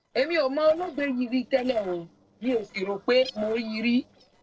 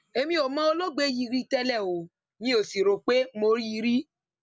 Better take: second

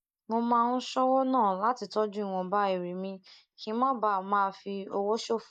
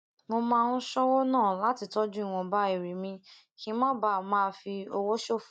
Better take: second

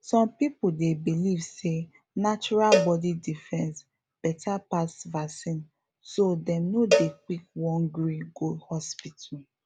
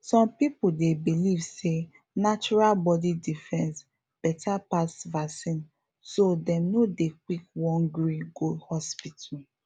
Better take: second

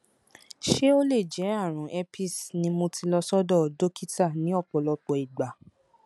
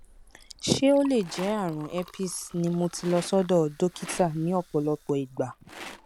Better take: first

